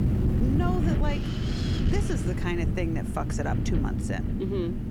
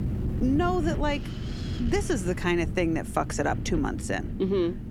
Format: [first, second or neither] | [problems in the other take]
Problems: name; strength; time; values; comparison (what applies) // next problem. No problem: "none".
second | wind noise on the microphone; heavy; 2 dB below the speech; occasional gusts in the second